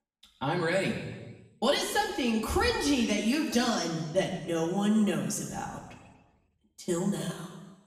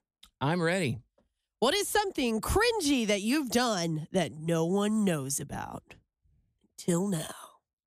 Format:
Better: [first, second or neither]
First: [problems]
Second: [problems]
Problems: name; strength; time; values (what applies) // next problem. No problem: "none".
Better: second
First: room echo; noticeable; dies away in 1.2 s // off-mic speech; somewhat distant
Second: none